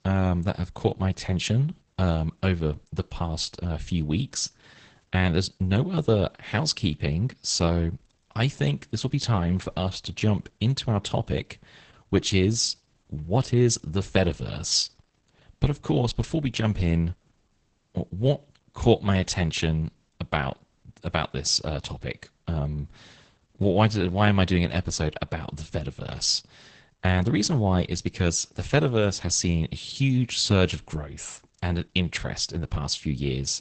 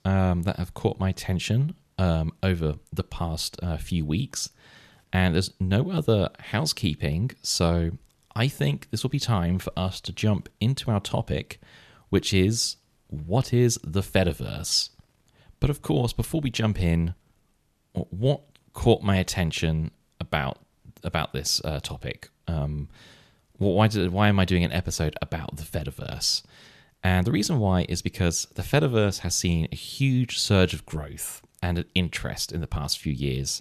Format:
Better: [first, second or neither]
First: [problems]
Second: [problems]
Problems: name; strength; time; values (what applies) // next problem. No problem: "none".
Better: second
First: garbled, watery; badly; nothing above 8 kHz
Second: none